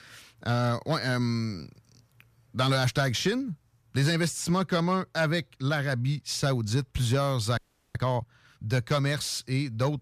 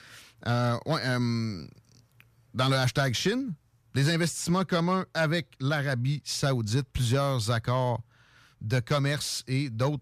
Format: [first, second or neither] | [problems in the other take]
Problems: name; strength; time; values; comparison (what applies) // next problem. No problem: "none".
second | audio freezing; at 7.5 s